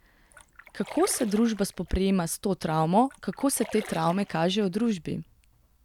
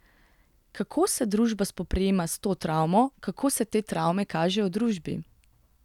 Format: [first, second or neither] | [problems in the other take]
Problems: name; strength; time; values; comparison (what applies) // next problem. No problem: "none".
second | background sound (Splash, splatter); 19 dB below the speech